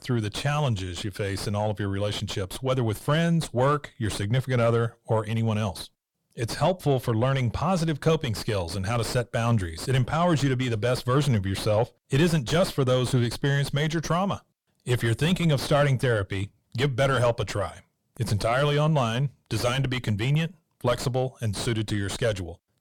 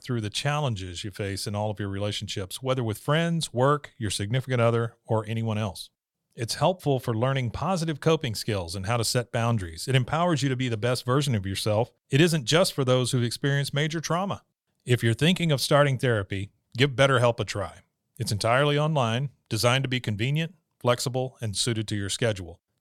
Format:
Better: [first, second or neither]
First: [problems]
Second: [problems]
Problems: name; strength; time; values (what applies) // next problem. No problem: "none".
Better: second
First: distortion; heavy; 5 dB below the speech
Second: none